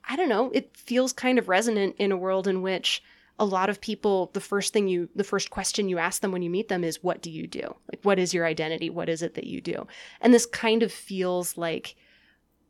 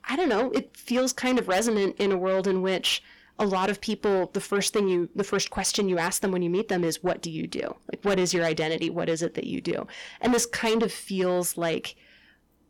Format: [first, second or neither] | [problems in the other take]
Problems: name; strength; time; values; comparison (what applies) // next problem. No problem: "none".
first | distortion; heavy; 8 dB below the speech